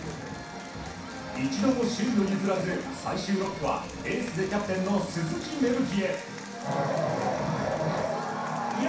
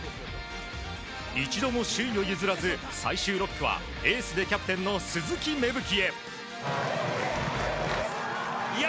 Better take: second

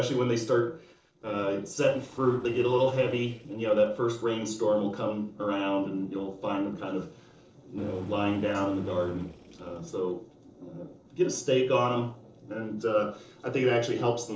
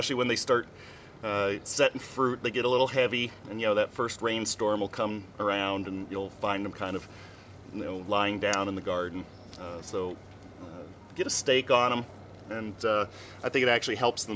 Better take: second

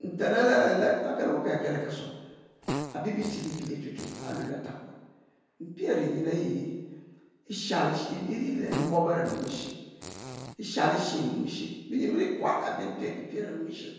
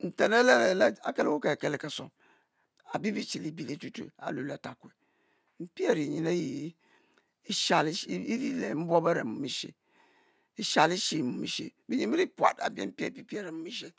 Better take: second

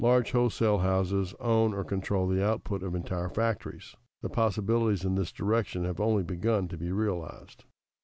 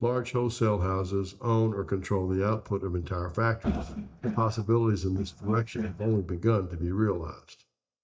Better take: first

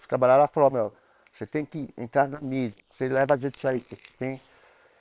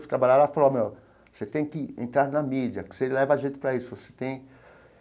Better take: second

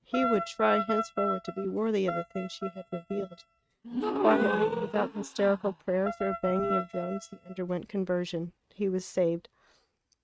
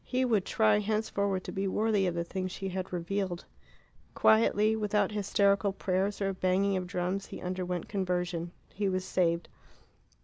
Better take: second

